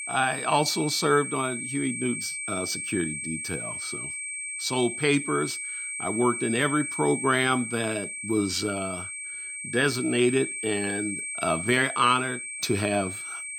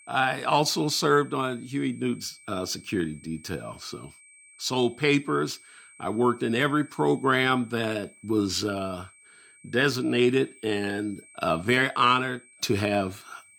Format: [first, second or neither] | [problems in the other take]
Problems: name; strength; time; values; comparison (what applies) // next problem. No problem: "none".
second | high-pitched whine; loud; throughout; 2.5 kHz, 5 dB below the speech; faint in the second